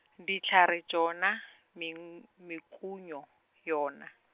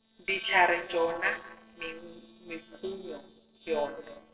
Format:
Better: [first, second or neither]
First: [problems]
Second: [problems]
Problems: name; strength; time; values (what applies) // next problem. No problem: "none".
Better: first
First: none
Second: noise reduction (neural separator model SepFormer DNS4)